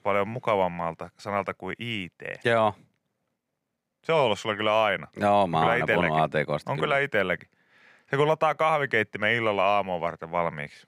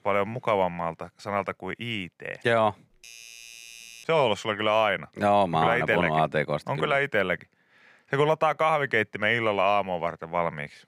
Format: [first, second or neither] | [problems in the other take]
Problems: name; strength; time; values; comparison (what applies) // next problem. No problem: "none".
first | doorbell; faint; from 3 to 4 s; peak 15 dB below the speech